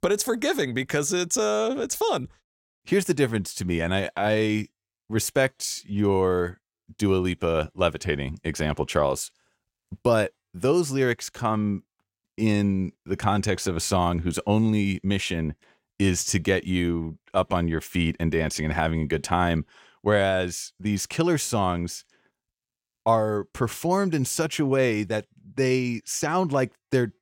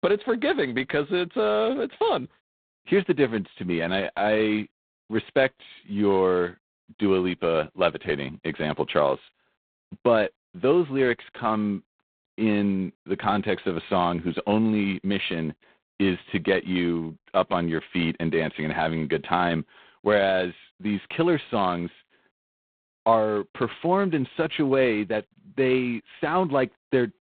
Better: first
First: none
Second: phone-call audio; poor line; nothing above 4 kHz

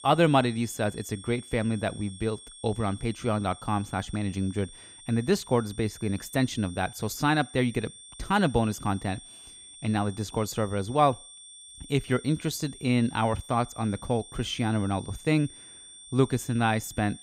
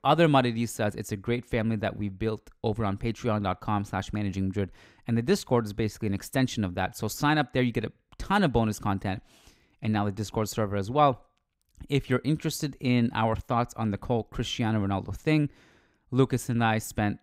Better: second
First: high-pitched whine; noticeable; throughout; 3.5 kHz, 15 dB below the speech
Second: none

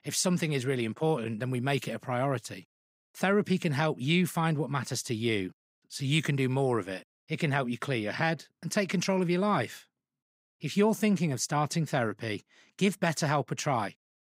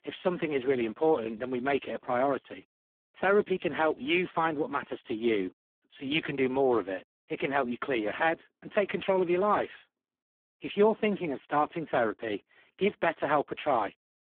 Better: first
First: none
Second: phone-call audio; poor line

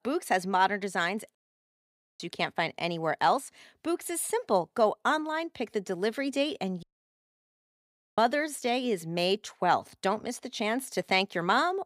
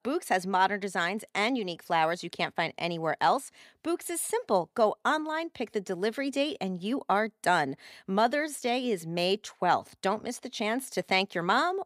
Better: second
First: audio cutting out; at 1.5 s for 1 s and at 7 s for 1.5 s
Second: none

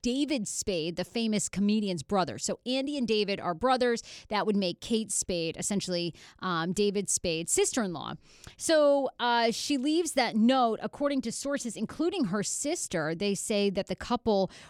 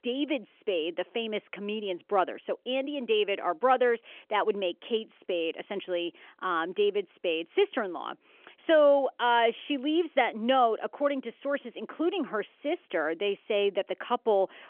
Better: first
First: none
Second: phone-call audio; nothing above 3.5 kHz

